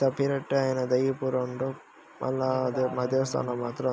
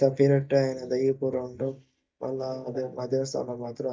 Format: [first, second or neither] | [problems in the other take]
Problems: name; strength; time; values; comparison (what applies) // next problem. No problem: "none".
first | noise reduction (neural mask model DeepFilterNet 3)